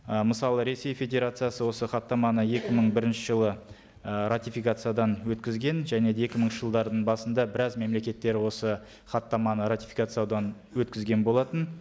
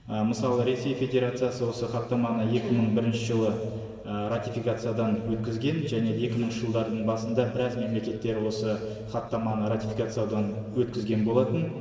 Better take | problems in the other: first | room echo; dies away in 1.8 s

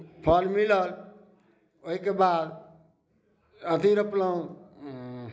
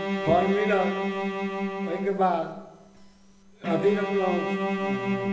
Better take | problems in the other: first | background sound (Bowed string instrument); 1 dB below the speech // room echo; dies away in 1.1 s

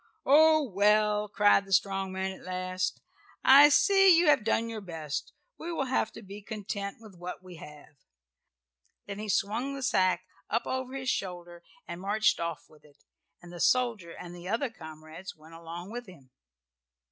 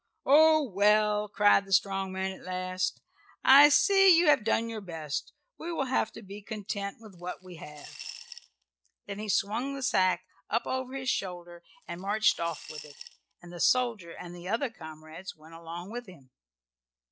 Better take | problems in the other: first | noise reduction (neural separator model SepFormer DNS4)

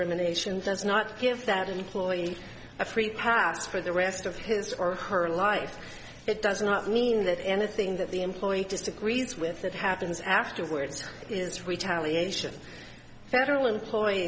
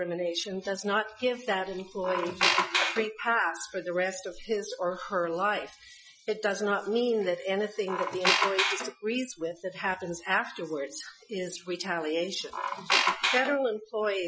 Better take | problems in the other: first | noise reduction (classical method Wiener filter)

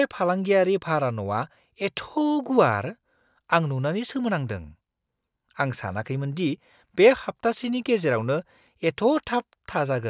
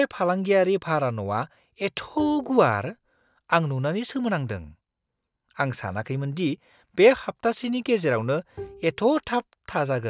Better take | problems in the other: first | background sound (Bowed string instrument); 18 dB below the speech

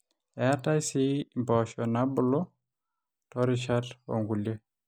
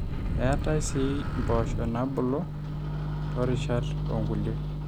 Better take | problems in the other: first | background sound (Microwave oven); 1 dB above the speech

